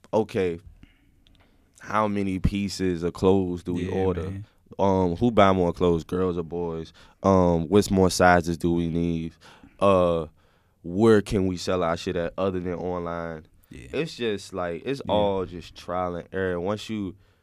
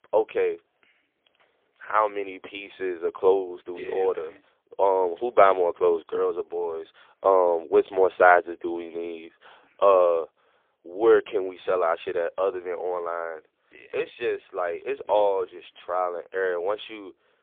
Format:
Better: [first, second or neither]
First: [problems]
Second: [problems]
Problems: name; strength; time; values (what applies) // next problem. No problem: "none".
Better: first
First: none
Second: phone-call audio; poor line; nothing above 3.5 kHz